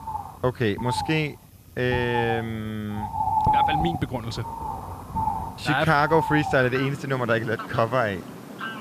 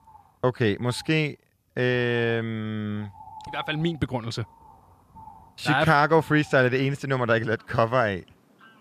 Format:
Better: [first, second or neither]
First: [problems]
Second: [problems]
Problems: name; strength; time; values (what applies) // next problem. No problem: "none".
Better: second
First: animal sounds; loud; throughout; 4 dB below the speech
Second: animal sounds; faint; throughout; 25 dB below the speech